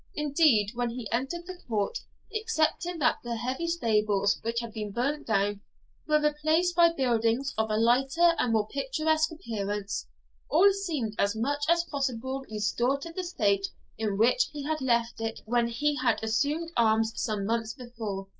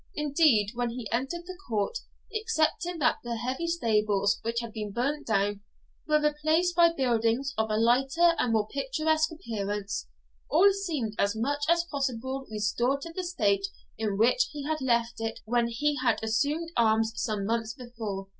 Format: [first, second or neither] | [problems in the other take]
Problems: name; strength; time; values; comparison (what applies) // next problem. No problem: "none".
second | noise reduction (neural mask model Resemble Enhance denoiser)